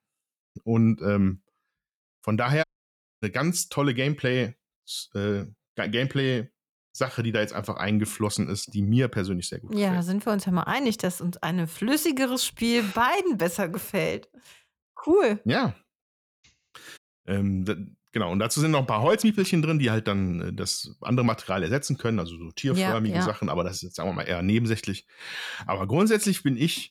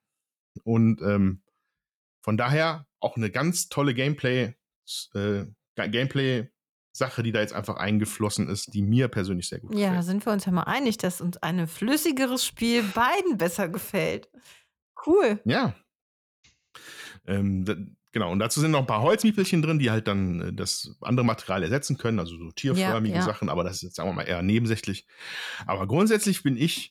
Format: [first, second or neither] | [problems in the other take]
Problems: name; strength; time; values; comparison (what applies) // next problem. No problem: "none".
second | audio cutting out; at 2.5 s for 0.5 s and at 17 s